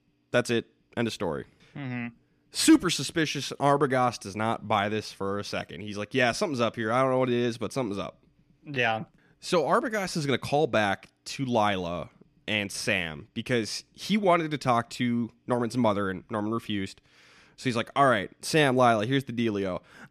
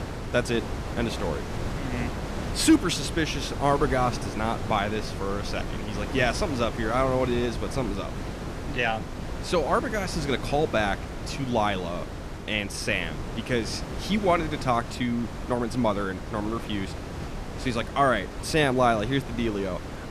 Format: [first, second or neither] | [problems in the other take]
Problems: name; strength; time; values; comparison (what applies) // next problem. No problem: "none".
first | wind noise on the microphone; occasional gusts; 10 dB below the speech